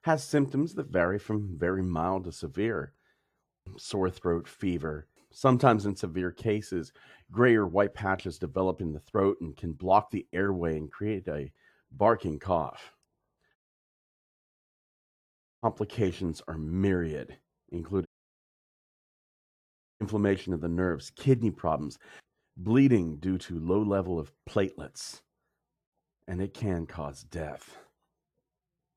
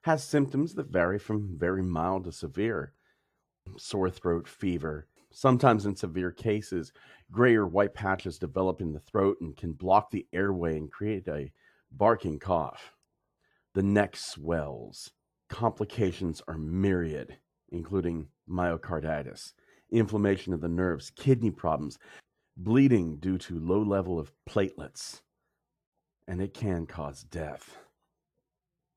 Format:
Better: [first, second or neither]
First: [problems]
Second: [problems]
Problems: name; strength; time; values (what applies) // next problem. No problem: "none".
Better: second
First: audio cutting out; at 14 s for 2 s and at 18 s for 2 s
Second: none